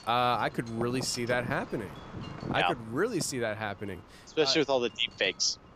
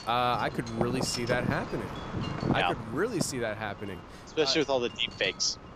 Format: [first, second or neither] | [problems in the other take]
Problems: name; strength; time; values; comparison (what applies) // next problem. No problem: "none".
first | wind noise on the microphone; heavy; 10 dB below the speech; occasional gusts in the first